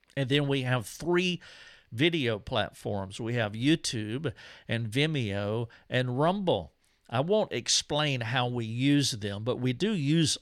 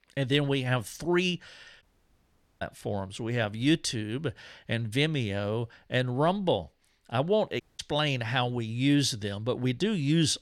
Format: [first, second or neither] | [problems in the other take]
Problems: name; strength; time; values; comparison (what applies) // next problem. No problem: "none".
first | audio cutting out; at 2 s for 1 s and at 7.5 s